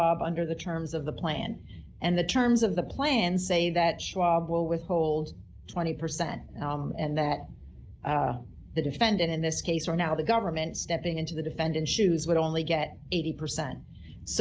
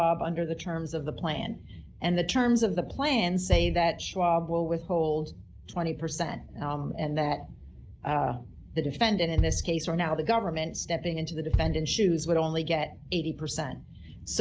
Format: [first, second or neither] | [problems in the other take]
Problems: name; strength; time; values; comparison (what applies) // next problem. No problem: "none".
first | background sound (Bass drum); 5 dB below the speech